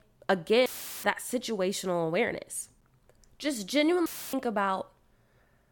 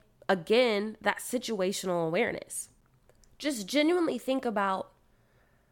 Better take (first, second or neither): second